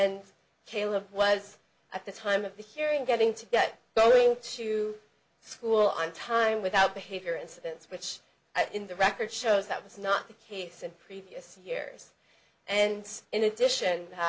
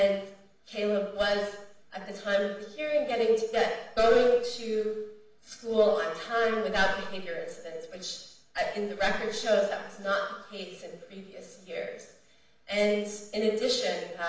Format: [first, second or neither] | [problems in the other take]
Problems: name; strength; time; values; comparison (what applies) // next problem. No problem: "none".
first | room echo; dies away in 0.8 s